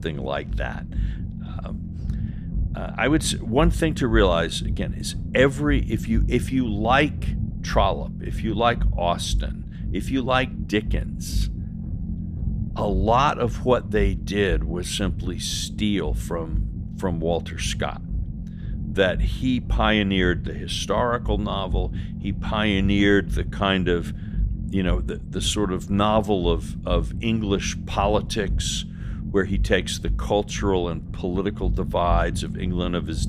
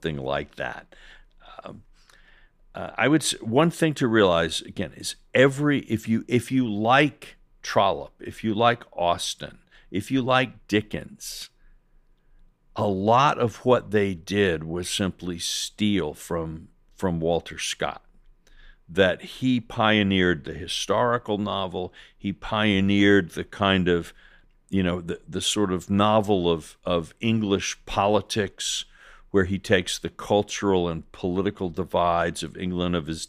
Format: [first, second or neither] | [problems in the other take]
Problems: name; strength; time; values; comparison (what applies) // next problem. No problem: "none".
second | low rumble; noticeable; throughout; 15 dB below the speech